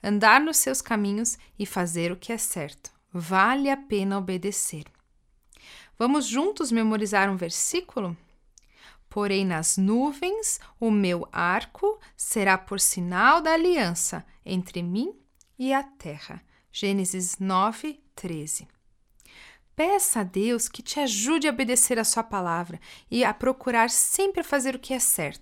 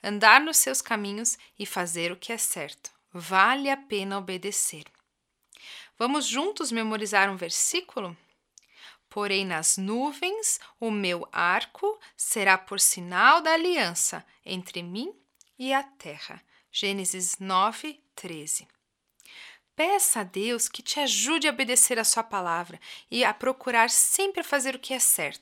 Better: first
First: none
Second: thin; very slightly; fading below 1 kHz

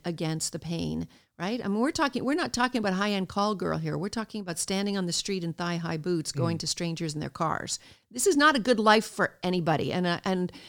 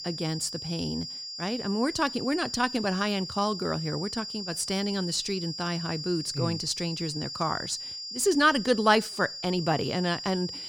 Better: first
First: none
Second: high-pitched whine; loud; throughout; 5 kHz, 7 dB below the speech

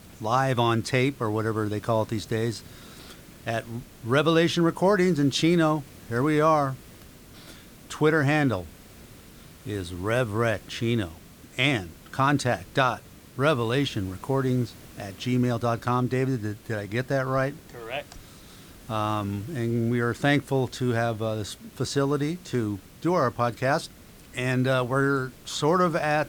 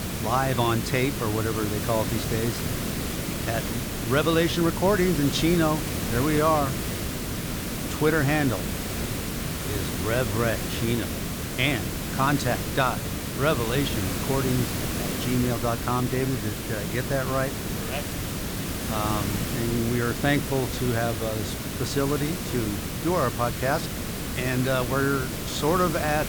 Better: first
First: hiss; faint; throughout; 20 dB below the speech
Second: hiss; loud; throughout; 3 dB below the speech

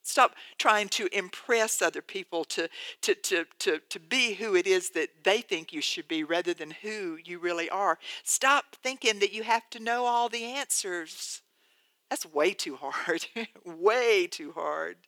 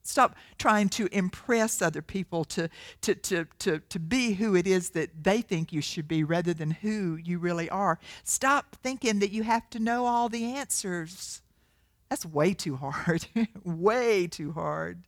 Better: second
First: thin; somewhat; fading below 350 Hz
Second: none

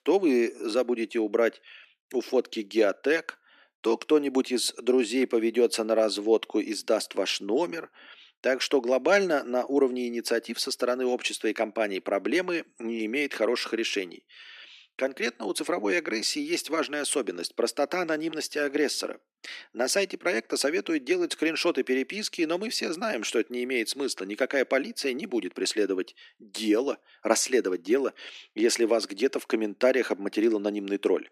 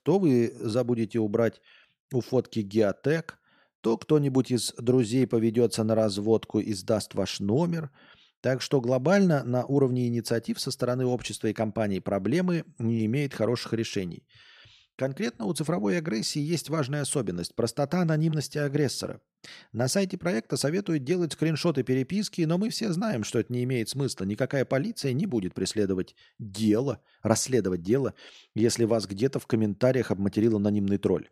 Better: second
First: thin; somewhat; fading below 250 Hz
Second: none

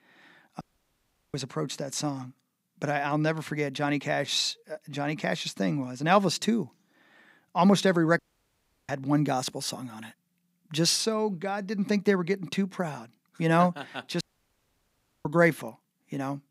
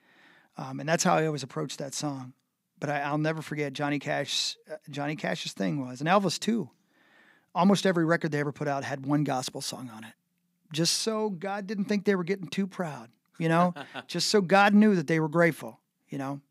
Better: second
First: audio cutting out; at 0.5 s for 0.5 s, at 8 s for 0.5 s and at 14 s for 1 s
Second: none

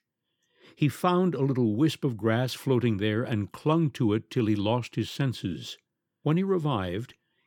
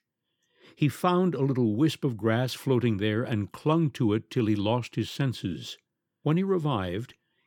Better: neither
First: none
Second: none

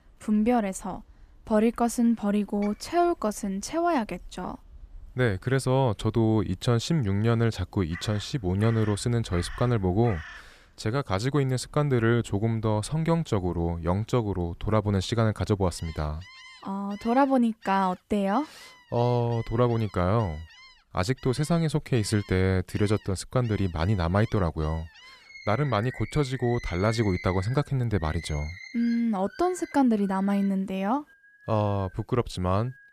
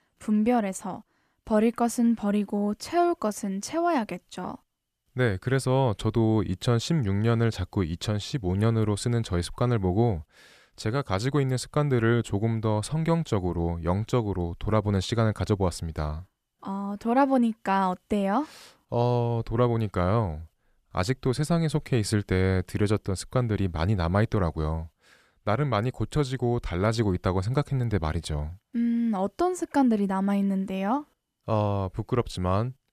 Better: second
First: animal sounds; faint; throughout; 20 dB below the speech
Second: none

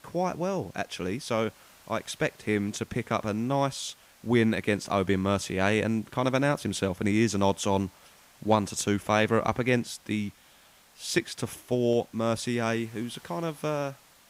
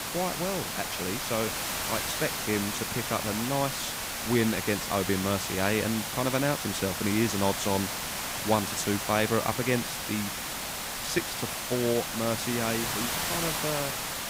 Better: first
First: hiss; faint; throughout; 25 dB below the speech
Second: hiss; loud; throughout; 1 dB below the speech

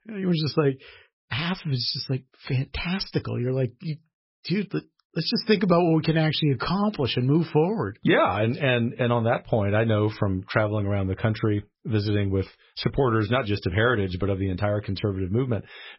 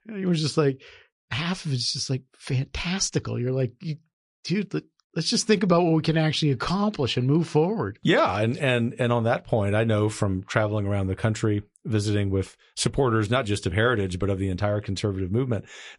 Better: second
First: garbled, watery; badly; nothing above 5.5 kHz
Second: garbled, watery; slightly; nothing above 10 kHz

